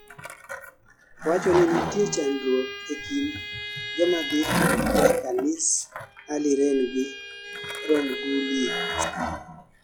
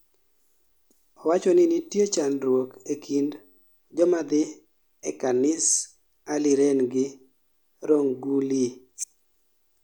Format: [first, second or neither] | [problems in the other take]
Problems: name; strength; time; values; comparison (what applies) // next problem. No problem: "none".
second | noise reduction (classical method log-MMSE)